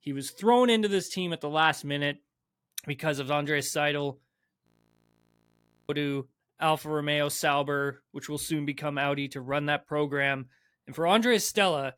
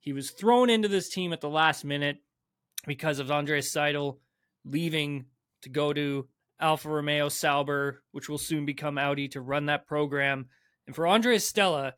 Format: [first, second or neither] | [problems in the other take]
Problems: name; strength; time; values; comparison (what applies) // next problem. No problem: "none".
second | audio freezing; at 4.5 s for 1 s